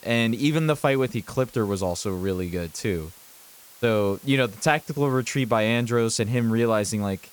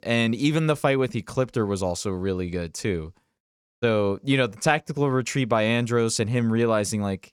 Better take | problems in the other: second | hiss; faint; throughout; 20 dB below the speech

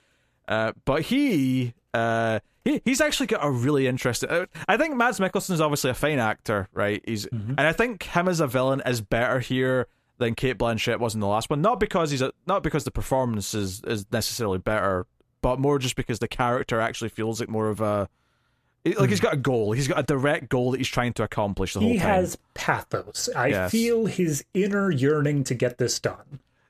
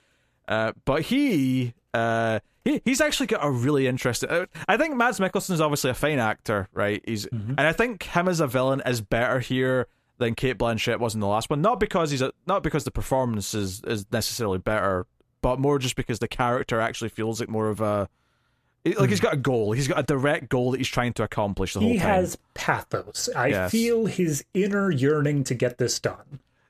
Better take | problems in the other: neither | none

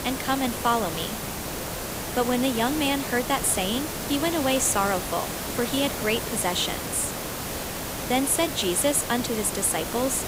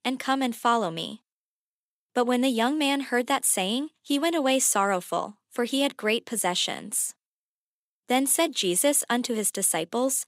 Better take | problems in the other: second | hiss; loud; throughout; 5 dB below the speech

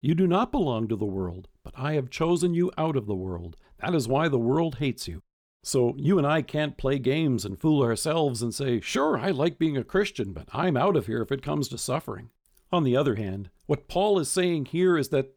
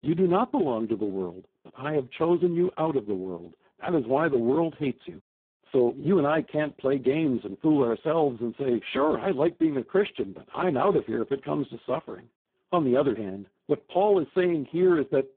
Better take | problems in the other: first | phone-call audio; poor line

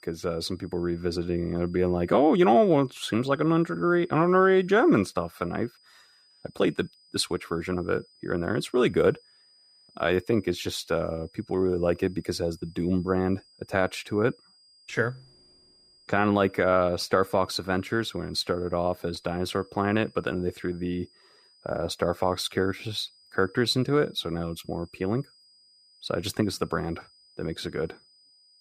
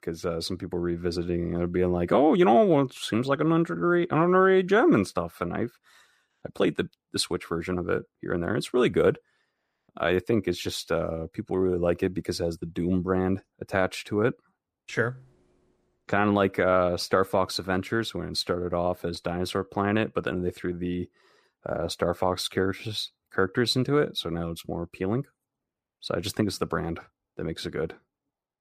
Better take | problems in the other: second | high-pitched whine; faint; throughout; 5 kHz, 30 dB below the speech

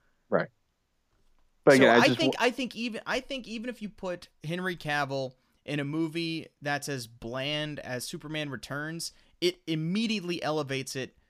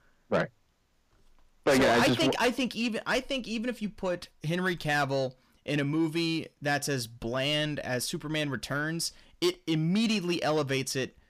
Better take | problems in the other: first | distortion; heavy; 6 dB below the speech

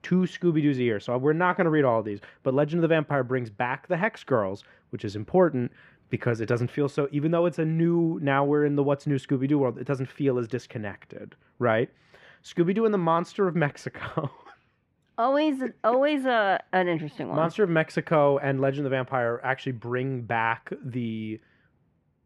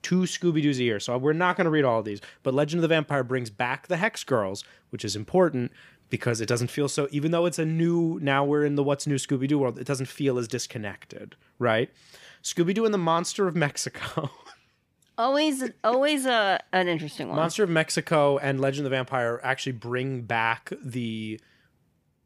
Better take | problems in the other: second | muffled; very; fading above 3.5 kHz

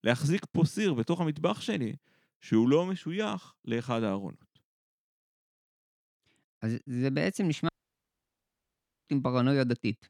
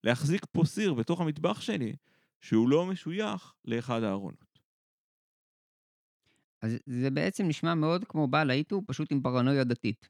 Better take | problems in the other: second | audio cutting out; at 7.5 s for 1.5 s

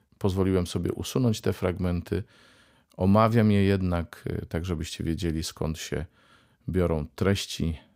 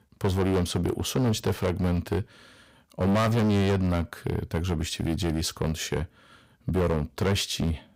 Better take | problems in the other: first | distortion; heavy; 13% of the sound clipped

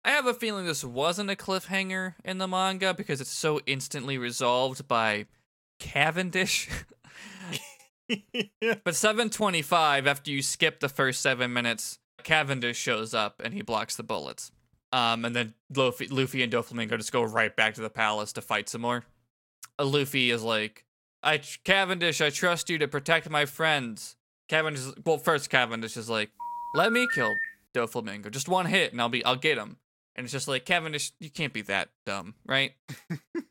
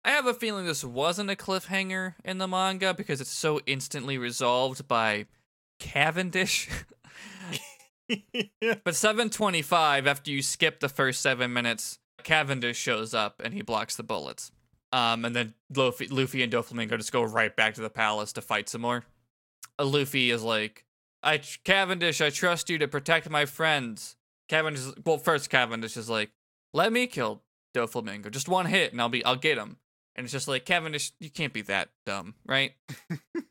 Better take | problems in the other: second | phone ringing; noticeable; from 26 to 28 s; peak level with the speech

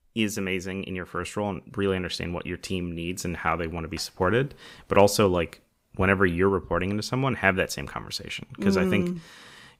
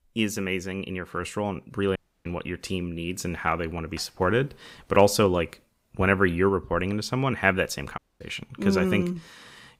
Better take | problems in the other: first | audio cutting out; at 2 s and at 8 s

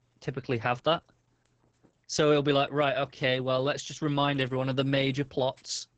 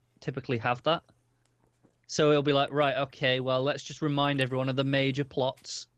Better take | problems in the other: second | garbled, watery; badly; nothing above 7.5 kHz; slightly in the second

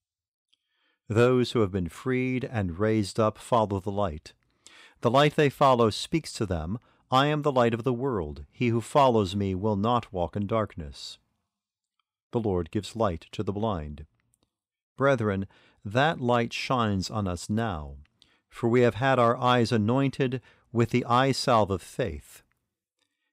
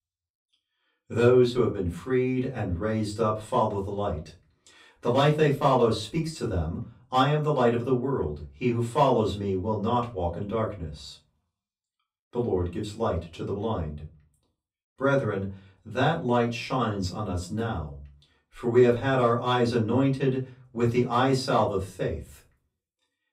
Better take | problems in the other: first | off-mic speech; far // room echo; very slight; dies away in 0.3 s

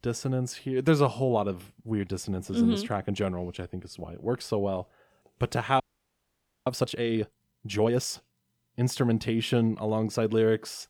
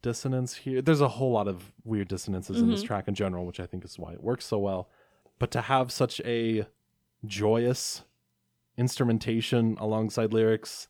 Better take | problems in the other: second | audio freezing; at 6 s for 1 s

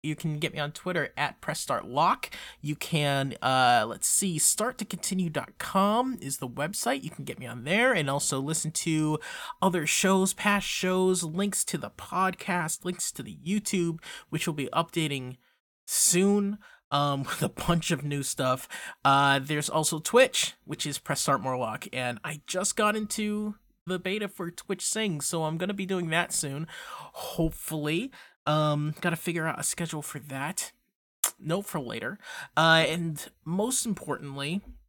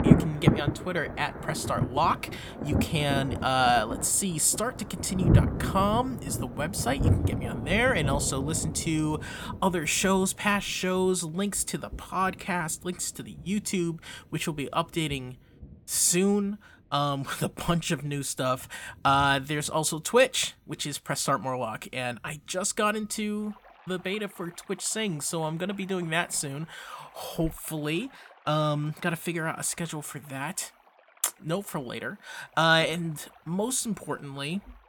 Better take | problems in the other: first | rain or running water; loud; throughout; 3 dB below the speech

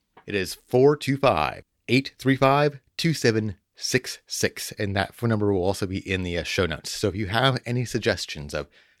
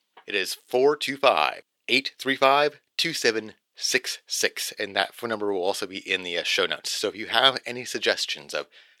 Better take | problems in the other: first | thin; somewhat; fading below 450 Hz

